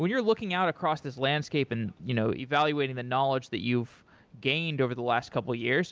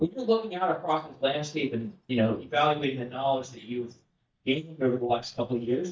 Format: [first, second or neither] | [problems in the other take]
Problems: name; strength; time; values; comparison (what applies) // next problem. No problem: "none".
first | noise reduction (neural mask model DeepFilterNet 3)